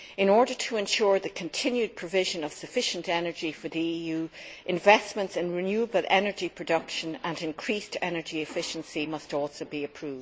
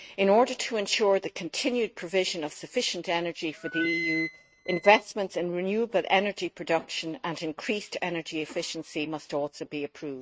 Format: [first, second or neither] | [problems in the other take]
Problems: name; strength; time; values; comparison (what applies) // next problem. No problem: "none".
first | noise reduction (neural mask model RNNoise)